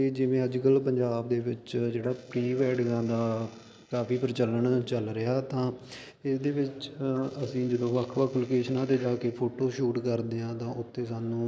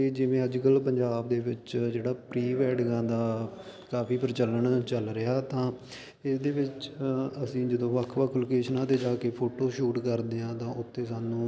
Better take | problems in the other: second | noise reduction (neural mask model Resemble Enhance denoiser)

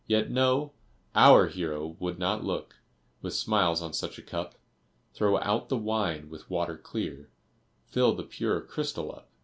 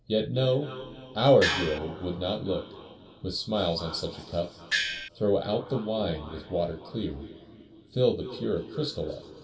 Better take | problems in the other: first | background sound (Gong); as loud as the speech // room echo; dies away in 2.9 s

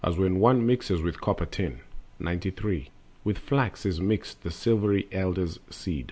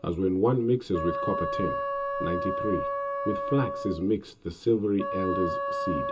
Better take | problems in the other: first | background sound (Wind instrument, woodwind instrument); 3 dB below the speech // room echo; dies away in 0.2 s

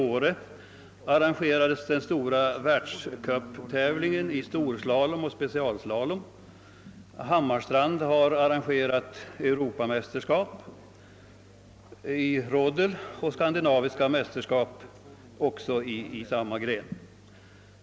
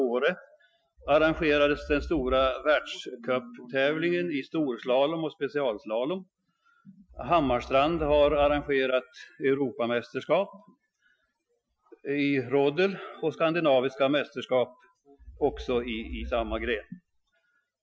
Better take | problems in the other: first | noise reduction (classical method Wiener filter)

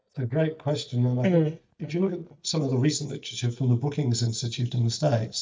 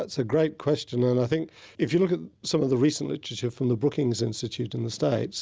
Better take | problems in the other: second | noise reduction (neural mask model DeepFilterNet 3)

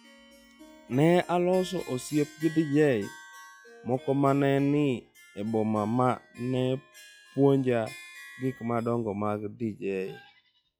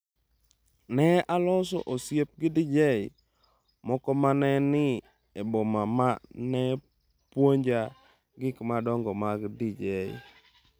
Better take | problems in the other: second | noise reduction (classical method log-MMSE)

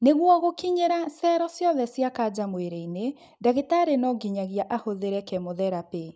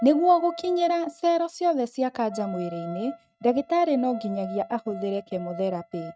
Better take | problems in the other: first | noise reduction (neural mask model RNNoise)

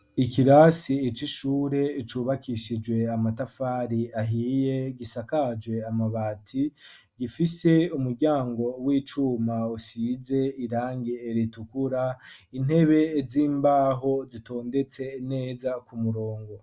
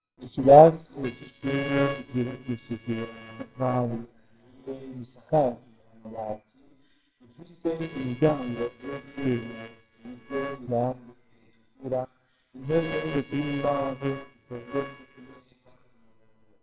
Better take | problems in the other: first | noise reduction (neural separator model SepFormer WHAMR!)

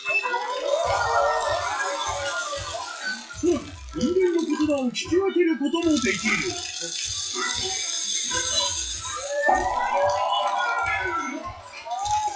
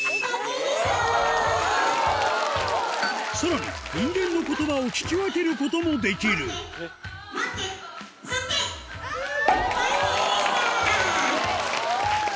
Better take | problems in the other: second | noise reduction (classical method WPE with log-MMSE)

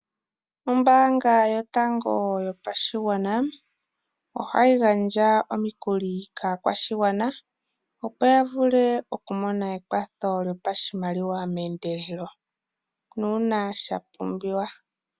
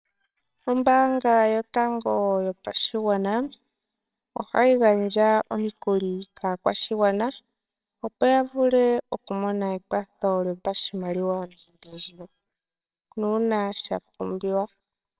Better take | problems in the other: first | noise reduction (neural separator model SepFormer WHAMR!)

